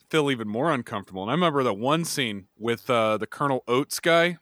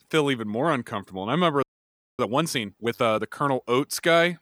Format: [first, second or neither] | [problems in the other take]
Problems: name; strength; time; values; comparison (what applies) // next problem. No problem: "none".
first | audio freezing; at 1.5 s for 0.5 s